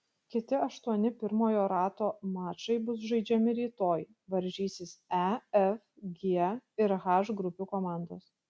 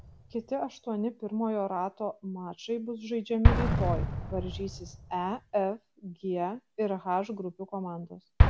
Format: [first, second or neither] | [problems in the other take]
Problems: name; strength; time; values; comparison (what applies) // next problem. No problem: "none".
first | background sound (Explosion); 2 dB above the speech